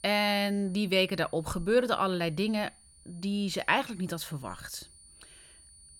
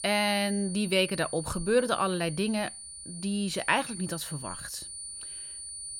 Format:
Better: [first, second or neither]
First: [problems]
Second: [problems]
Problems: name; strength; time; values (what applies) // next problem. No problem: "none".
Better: first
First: high-pitched whine; faint; throughout; 9.5 kHz, 25 dB below the speech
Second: high-pitched whine; loud; throughout; 9.5 kHz, 10 dB below the speech